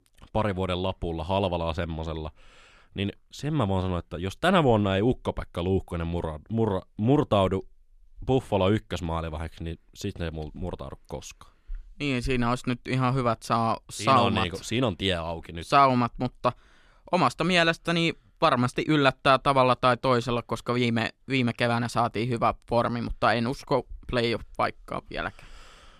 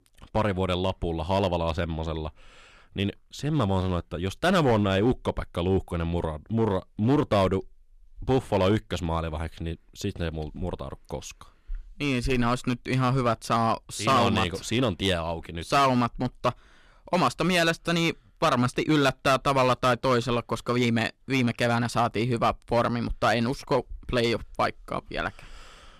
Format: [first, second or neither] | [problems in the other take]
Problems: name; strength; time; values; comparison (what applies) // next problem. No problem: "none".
first | distortion; slight; 4% of the sound clipped